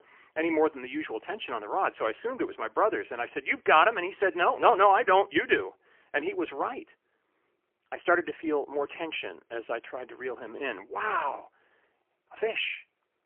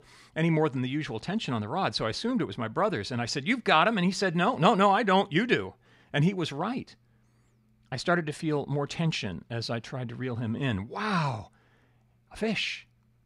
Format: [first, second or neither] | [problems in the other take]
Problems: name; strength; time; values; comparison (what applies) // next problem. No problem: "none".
second | phone-call audio; poor line; nothing above 3 kHz